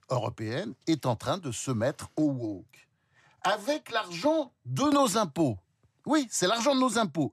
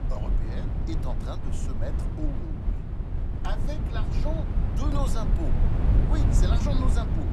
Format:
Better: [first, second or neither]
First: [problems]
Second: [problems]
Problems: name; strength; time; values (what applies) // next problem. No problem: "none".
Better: first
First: none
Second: low rumble; loud; throughout; 1 dB below the speech